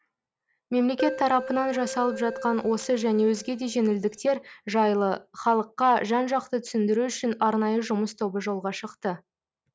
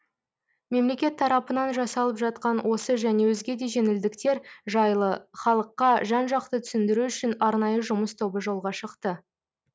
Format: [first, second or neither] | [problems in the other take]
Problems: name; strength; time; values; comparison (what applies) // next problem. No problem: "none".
second | background sound (Keyboard (musical)); 10 dB below the speech